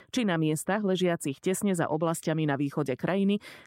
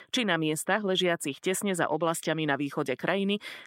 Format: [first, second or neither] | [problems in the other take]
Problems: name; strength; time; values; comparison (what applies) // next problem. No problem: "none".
first | thin; very slightly; fading below 350 Hz